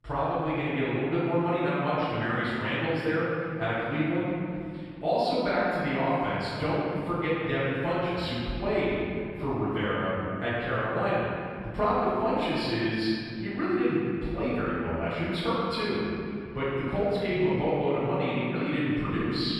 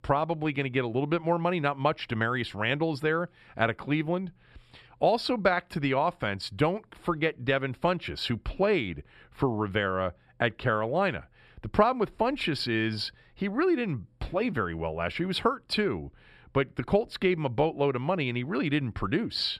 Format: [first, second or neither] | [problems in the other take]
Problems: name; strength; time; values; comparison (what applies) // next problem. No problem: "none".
second | off-mic speech; far // room echo; strong; dies away in 2.3 s